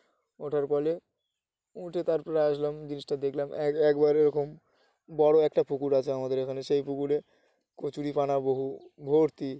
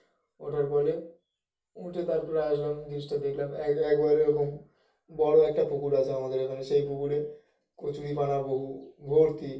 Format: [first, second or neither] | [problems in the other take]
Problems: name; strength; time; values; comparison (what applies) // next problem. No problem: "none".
first | room echo; dies away in 0.4 s